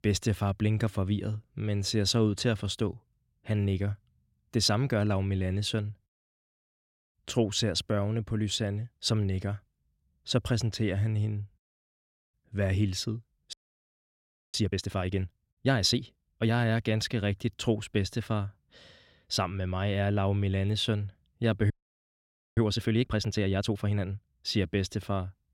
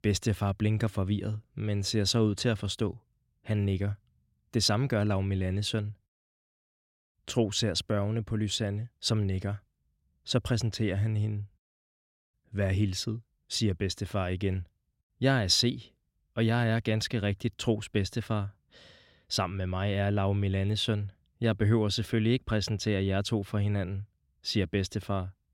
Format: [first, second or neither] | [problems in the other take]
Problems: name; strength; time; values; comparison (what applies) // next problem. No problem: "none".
second | audio freezing; at 14 s for 1 s and at 22 s for 1 s